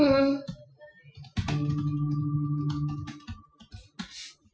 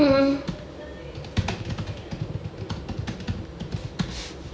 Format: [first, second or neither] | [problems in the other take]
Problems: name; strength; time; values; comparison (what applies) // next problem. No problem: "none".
second | noise reduction (classical method Wiener filter)